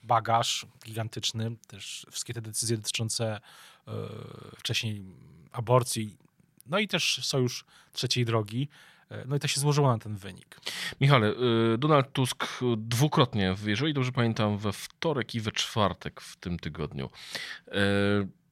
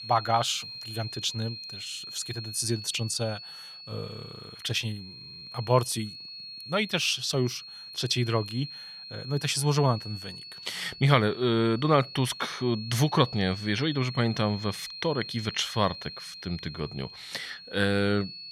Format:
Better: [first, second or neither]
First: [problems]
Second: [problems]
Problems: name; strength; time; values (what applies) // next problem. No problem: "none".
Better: first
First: none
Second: high-pitched whine; noticeable; throughout; 4 kHz, 10 dB below the speech